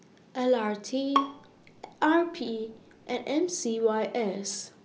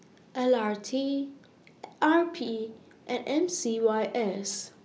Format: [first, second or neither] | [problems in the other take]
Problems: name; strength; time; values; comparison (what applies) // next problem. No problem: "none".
second | background sound (Bowed string instrument); 7 dB below the speech